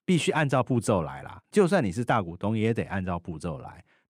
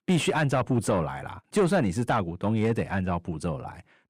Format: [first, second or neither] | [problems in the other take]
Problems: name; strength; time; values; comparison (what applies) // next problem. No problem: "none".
first | distortion; slight; 10 dB below the speech